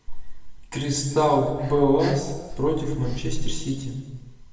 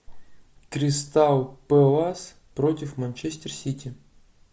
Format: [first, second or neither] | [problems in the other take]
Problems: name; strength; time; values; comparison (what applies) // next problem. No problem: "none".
second | background sound (Breathing); 4 dB below the speech // room echo; dies away in 1.1 s